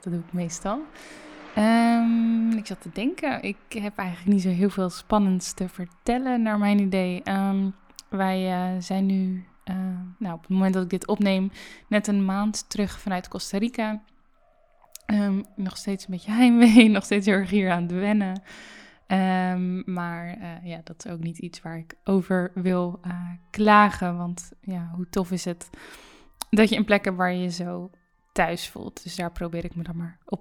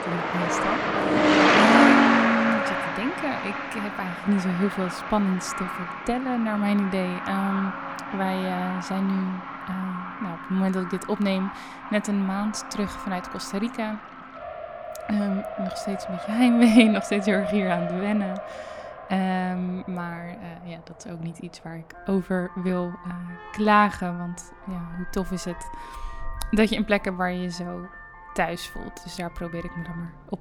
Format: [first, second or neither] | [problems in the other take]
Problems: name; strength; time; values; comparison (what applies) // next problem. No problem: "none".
first | traffic noise; loud; throughout; 1 dB below the speech; faint in the first